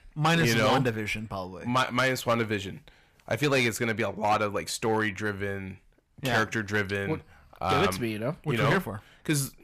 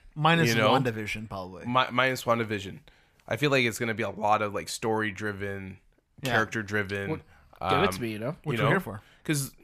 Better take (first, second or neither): second